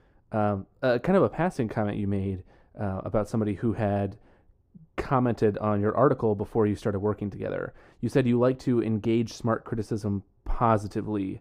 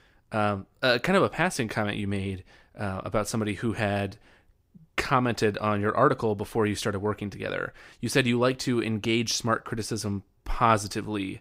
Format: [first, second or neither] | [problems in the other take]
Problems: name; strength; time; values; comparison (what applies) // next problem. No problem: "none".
second | muffled; slightly; fading above 1.5 kHz